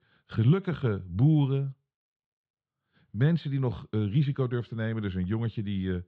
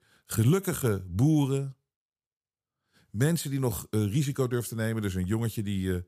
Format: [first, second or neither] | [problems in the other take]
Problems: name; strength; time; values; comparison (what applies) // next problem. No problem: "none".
second | muffled; very; fading above 3.5 kHz